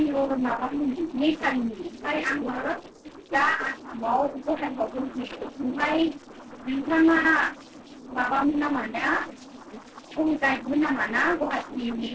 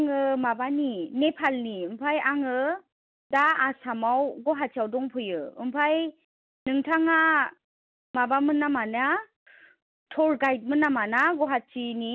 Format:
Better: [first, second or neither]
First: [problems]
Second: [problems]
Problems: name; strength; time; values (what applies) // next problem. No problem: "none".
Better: second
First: noise reduction (neural separator model SepFormer DNS4)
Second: none